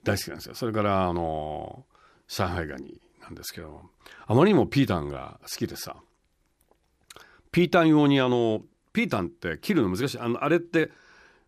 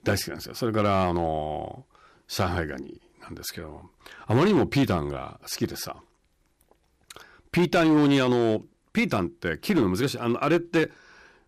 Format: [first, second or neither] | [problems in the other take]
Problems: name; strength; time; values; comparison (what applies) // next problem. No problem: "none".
first | distortion; slight; 5% of the sound clipped